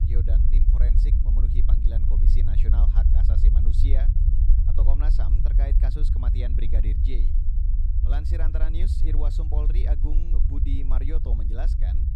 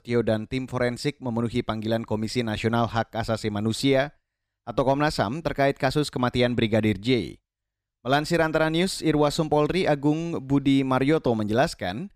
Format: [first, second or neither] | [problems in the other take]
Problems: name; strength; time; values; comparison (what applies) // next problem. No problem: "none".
second | low rumble; loud; throughout; 1 dB below the speech